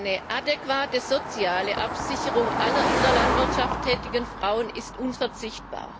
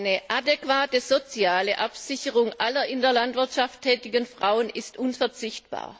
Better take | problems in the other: second | background sound (Car passing by); 1 dB below the speech

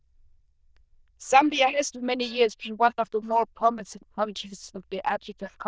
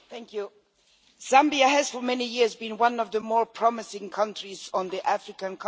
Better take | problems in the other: second | noise reduction (neural diffusion model UNIVERSE++)

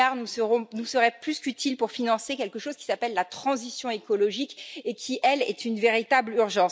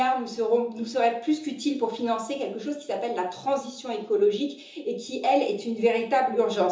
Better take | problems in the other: first | room echo; dies away in 0.6 s

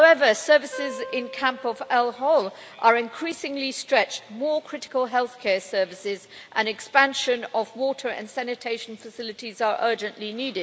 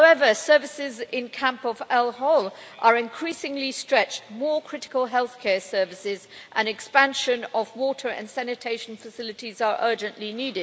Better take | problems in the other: second | background sound (Wind instrument, woodwind instrument); 15 dB below the speech

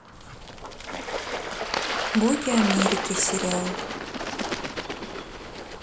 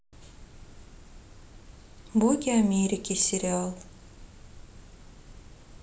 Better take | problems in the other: second | background sound (Water / Bird); 2 dB below the speech

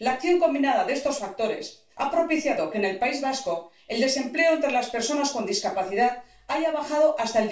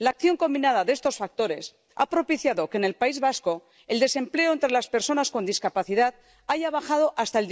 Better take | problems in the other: second | room echo; dies away in 0.3 s

